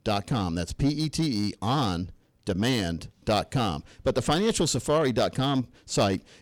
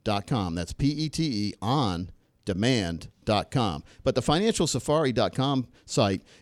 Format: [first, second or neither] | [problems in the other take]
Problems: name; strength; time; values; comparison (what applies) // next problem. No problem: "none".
second | distortion; slight; 5% of the sound clipped